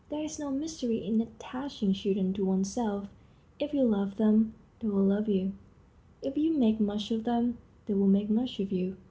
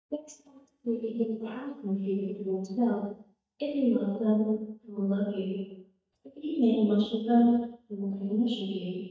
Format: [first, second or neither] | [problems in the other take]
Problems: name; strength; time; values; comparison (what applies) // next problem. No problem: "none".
first | noise reduction (neural mask model DeepFilterNet 3)